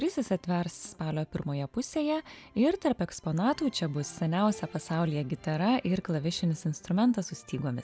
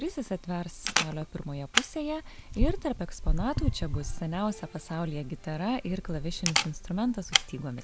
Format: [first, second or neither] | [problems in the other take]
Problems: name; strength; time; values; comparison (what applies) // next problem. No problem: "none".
first | background sound (Camera); 1 dB above the speech